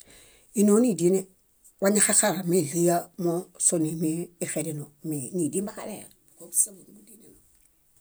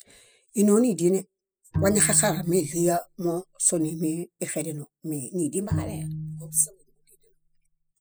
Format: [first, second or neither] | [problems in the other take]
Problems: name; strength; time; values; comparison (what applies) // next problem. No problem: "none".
first | noise reduction (classical method spectral subtraction)